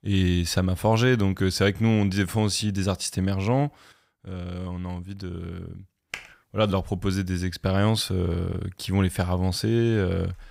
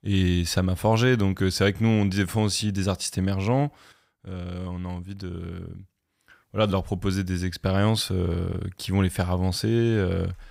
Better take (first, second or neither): second